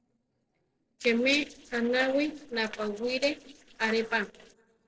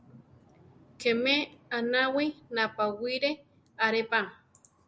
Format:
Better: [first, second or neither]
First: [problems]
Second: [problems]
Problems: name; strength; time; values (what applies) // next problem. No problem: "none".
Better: second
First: noise reduction (neural separator model SepFormer DNS4)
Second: none